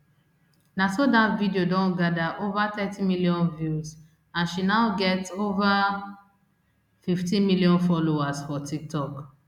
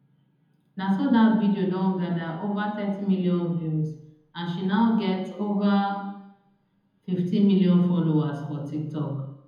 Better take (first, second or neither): first